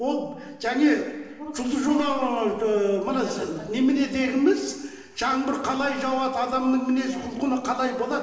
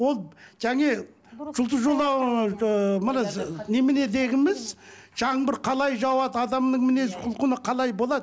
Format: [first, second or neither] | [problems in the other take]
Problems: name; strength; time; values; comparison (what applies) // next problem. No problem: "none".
second | room echo; dies away in 1.3 s